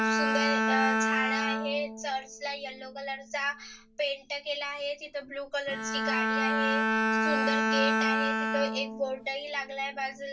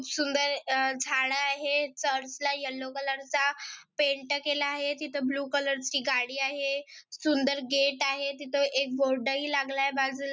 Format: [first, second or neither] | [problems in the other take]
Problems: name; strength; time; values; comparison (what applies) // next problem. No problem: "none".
second | background sound (Bowed string instrument); 4 dB above the speech // room echo; dies away in 0.1 s